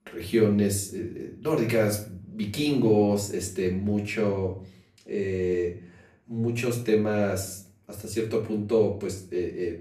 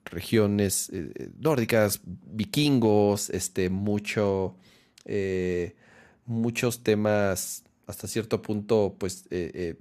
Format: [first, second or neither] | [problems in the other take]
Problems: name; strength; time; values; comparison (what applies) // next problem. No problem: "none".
second | off-mic speech; far // room echo; slight; dies away in 0.4 s